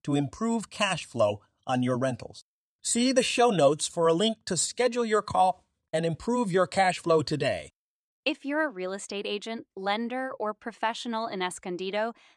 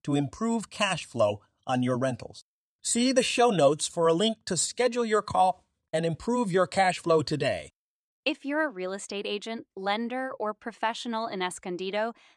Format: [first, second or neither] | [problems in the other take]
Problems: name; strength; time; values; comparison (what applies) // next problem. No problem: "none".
neither | none